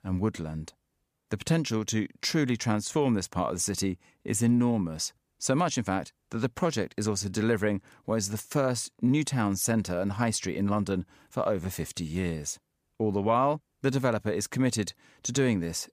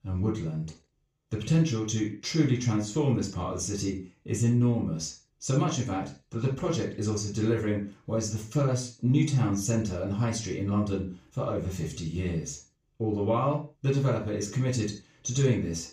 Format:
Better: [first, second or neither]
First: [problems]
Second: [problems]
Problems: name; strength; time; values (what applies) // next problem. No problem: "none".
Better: first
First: none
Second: room echo; noticeable; dies away in 0.3 s // off-mic speech; far